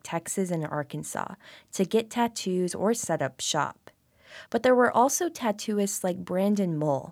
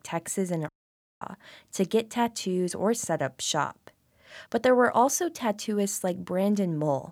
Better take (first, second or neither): first